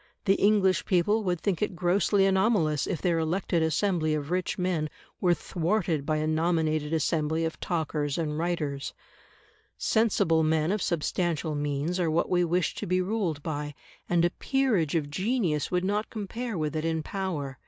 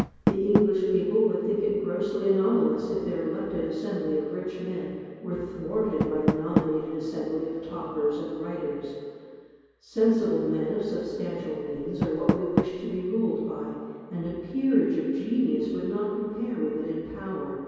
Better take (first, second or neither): first